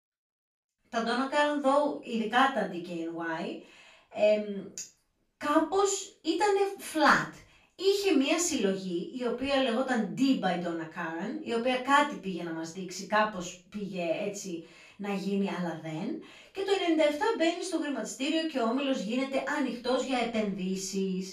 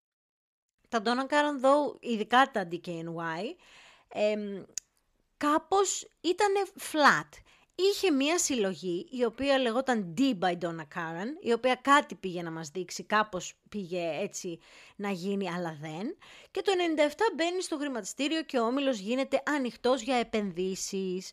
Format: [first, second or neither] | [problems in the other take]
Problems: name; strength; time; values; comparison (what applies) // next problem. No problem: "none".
second | off-mic speech; far // room echo; slight; dies away in 0.3 s